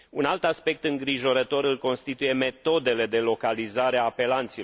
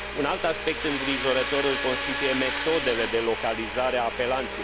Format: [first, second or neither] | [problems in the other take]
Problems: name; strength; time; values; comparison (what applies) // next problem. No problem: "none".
first | background sound (Domestic sounds, home sounds); 4 dB below the speech